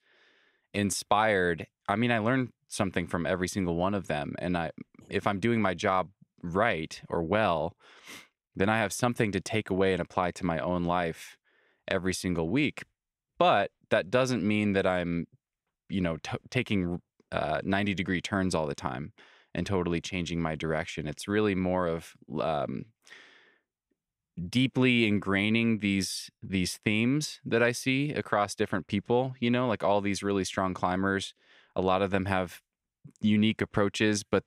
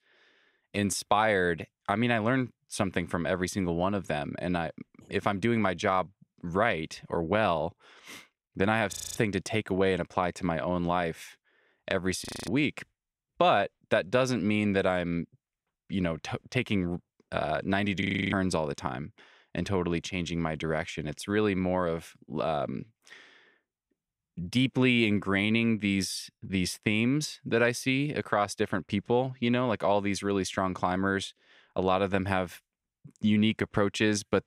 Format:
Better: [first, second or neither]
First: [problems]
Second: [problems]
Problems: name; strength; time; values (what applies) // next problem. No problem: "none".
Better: first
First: none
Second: audio freezing; at 9 s, at 12 s and at 18 s